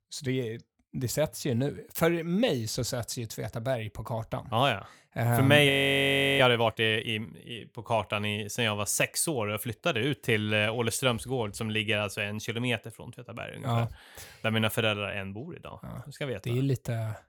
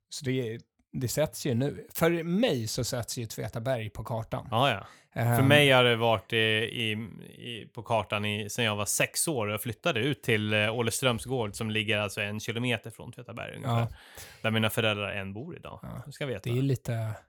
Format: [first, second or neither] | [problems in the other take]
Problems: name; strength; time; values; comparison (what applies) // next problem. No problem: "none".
second | audio freezing; at 5.5 s for 0.5 s